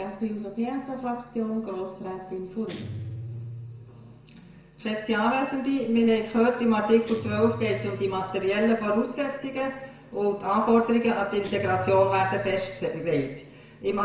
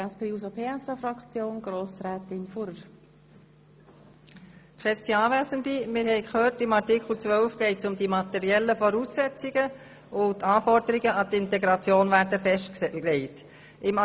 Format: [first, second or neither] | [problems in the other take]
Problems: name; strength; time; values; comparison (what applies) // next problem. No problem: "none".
second | background sound (Guitar); 16 dB below the speech // room echo; dies away in 0.9 s